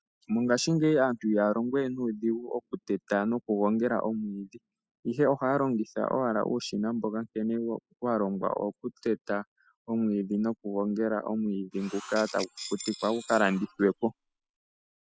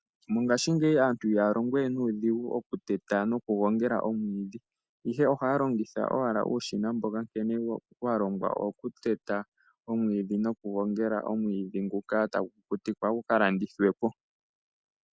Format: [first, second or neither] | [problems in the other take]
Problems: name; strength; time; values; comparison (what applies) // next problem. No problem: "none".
second | noise reduction (classical method spectral subtraction)